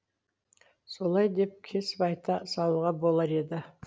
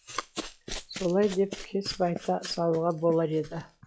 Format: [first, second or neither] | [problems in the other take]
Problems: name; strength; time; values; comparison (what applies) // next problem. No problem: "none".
first | noise reduction (classical method log-MMSE)